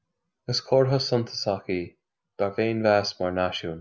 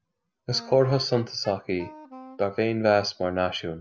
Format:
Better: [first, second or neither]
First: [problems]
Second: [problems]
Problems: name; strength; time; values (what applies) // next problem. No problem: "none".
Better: first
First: none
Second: background sound (Wind instrument, woodwind instrument); 18 dB below the speech